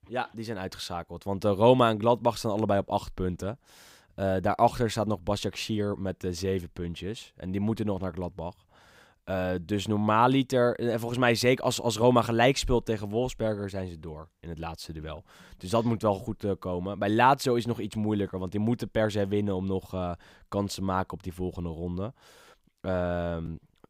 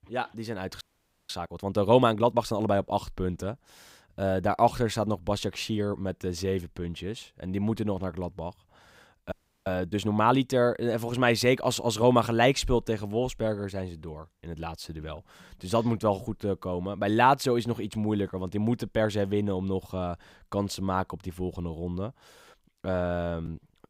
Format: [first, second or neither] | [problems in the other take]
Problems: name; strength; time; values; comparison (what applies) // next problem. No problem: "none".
first | audio freezing; at 1 s and at 9.5 s